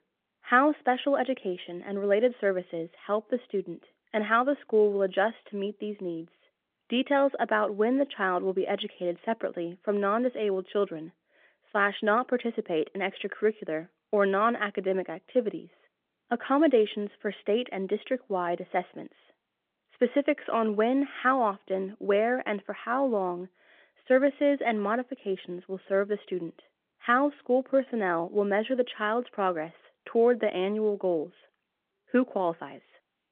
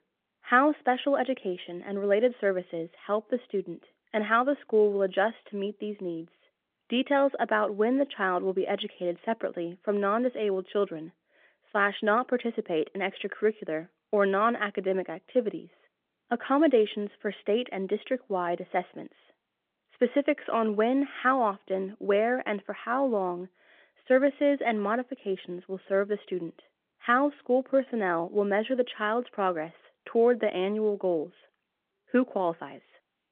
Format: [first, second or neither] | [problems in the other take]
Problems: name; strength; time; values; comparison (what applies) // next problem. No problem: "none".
neither | phone-call audio; nothing above 3.5 kHz; the same in both